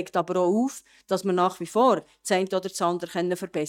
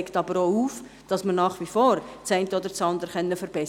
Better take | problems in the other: second | noise reduction (neural mask model DeepFilterNet 3)

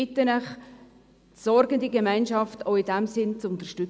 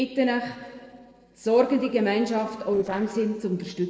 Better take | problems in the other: first | noise reduction (neural separator model SepFormer DNS4)

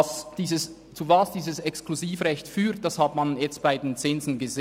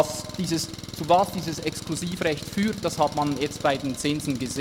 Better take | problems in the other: first | background sound (Engine); 12 dB below the speech

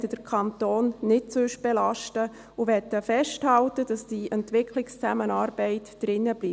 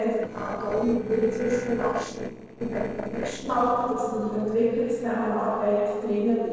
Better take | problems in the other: first | noise reduction (neural separator model SepFormer DNS4)

